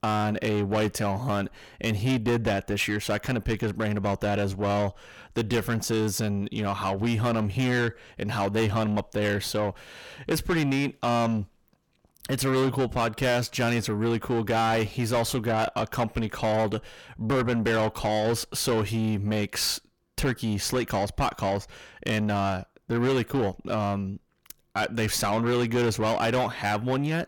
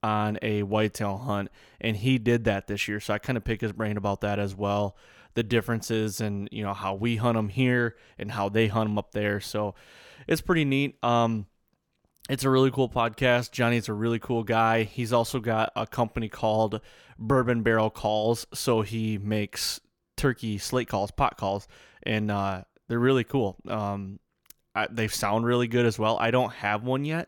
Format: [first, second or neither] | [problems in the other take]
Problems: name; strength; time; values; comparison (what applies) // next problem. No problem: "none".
second | distortion; heavy; 8 dB below the speech